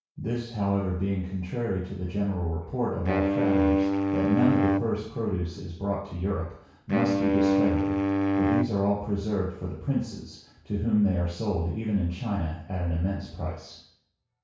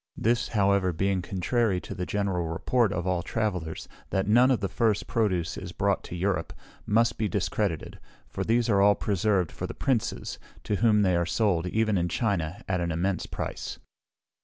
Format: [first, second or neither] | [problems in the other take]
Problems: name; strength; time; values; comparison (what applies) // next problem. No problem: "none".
second | background sound (Wind instrument, woodwind instrument); 2 dB above the speech // room echo; dies away in 0.6 s